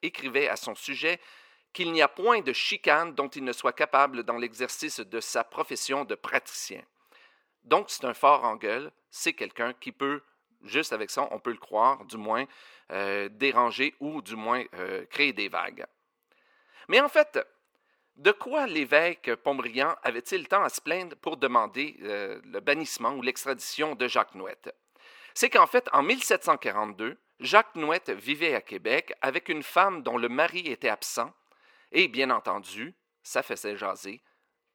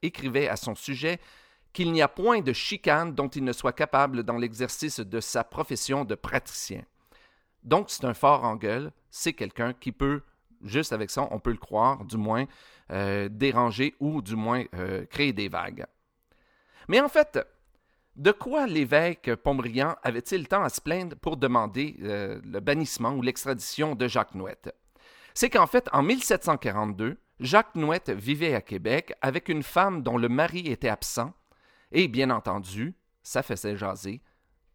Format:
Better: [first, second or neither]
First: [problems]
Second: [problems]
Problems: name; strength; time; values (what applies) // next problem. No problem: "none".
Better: second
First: thin; somewhat; fading below 400 Hz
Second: none